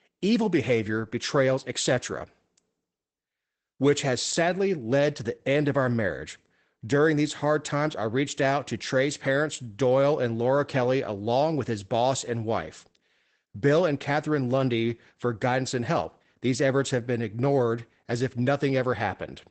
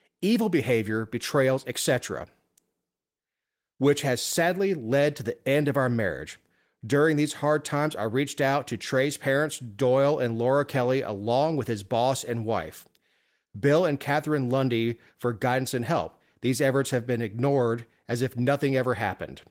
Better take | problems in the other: second | garbled, watery; badly; nothing above 8 kHz; slightly in the second

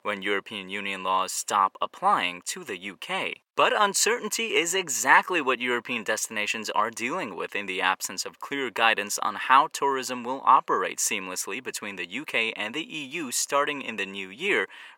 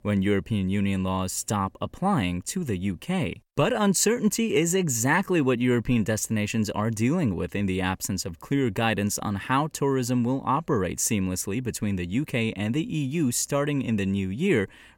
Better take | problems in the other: second | thin; very; fading below 500 Hz

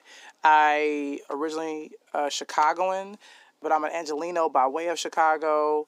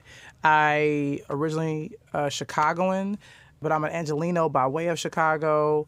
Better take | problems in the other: second | thin; somewhat; fading below 250 Hz

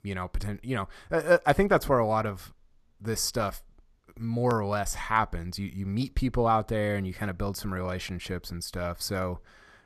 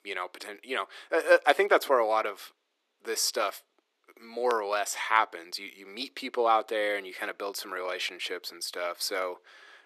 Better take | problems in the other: first | thin; very; fading below 350 Hz

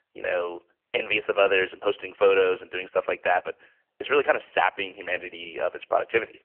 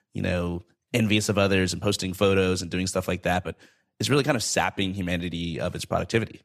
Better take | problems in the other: second | phone-call audio; poor line; nothing above 3 kHz

